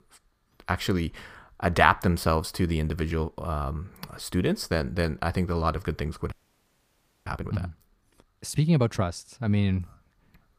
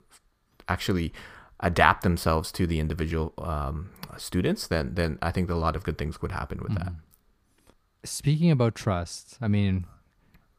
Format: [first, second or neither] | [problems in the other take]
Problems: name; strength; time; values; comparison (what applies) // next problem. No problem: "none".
second | audio freezing; at 6.5 s for 1 s